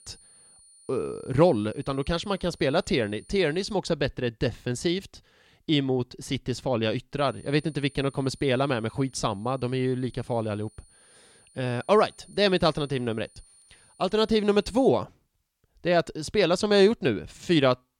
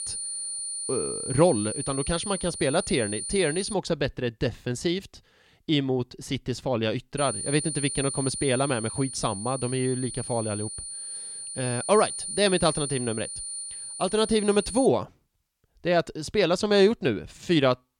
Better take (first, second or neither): first